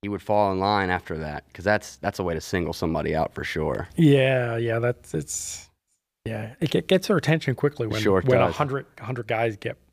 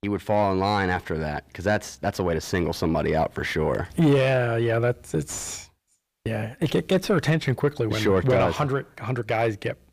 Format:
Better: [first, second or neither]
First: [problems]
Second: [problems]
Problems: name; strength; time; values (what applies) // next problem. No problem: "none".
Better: first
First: none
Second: distortion; slight; 10 dB below the speech